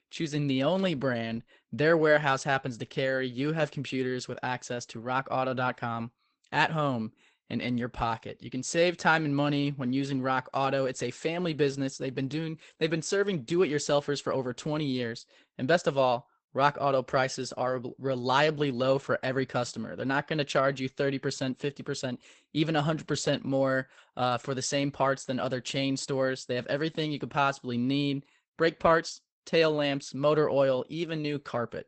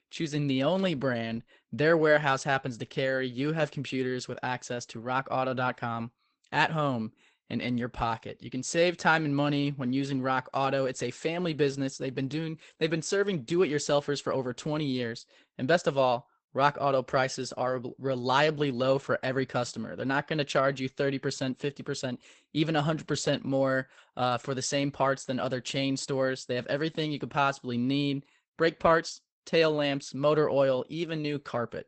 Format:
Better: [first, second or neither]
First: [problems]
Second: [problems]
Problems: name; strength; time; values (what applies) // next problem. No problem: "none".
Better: neither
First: garbled, watery; badly; nothing above 8 kHz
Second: garbled, watery; badly; nothing above 8 kHz